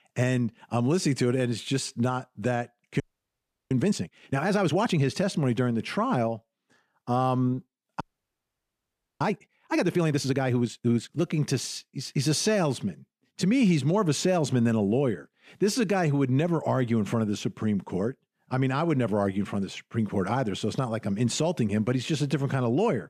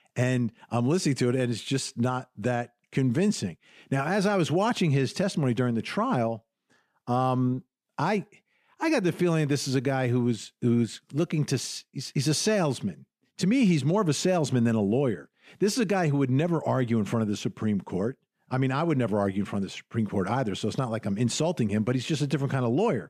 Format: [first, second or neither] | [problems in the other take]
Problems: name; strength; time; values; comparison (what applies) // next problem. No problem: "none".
second | audio freezing; at 3 s for 0.5 s and at 8 s for 1 s